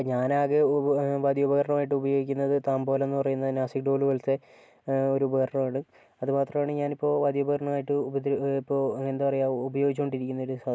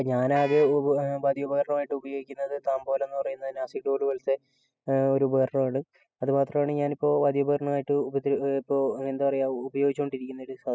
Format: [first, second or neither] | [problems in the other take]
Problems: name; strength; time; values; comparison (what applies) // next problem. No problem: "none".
first | noise reduction (classical method spectral subtraction)